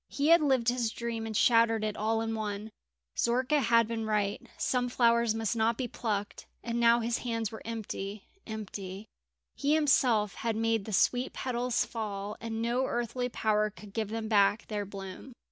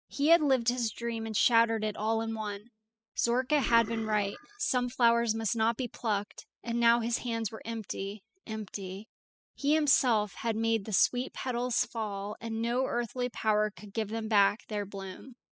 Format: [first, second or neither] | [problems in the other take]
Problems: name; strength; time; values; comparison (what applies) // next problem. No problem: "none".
first | noise reduction (classical method spectral subtraction)